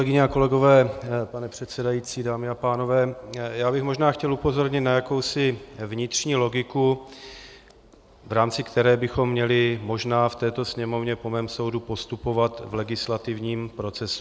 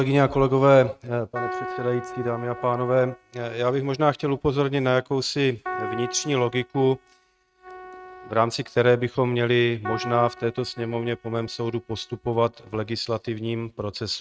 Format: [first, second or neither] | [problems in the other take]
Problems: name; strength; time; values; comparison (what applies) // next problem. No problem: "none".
first | noise reduction (neural mask model RNNoise)